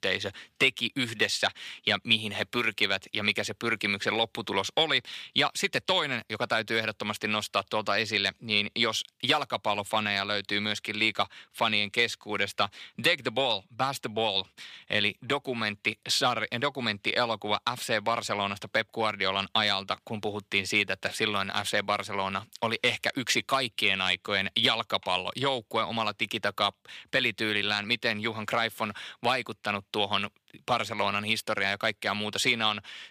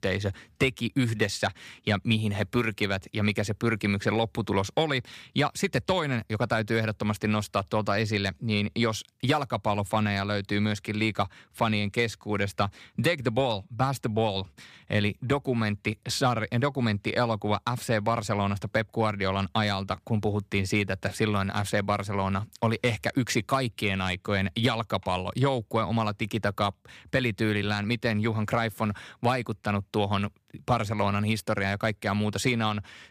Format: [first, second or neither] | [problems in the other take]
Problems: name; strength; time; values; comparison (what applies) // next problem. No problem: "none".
second | thin; somewhat; fading below 1 kHz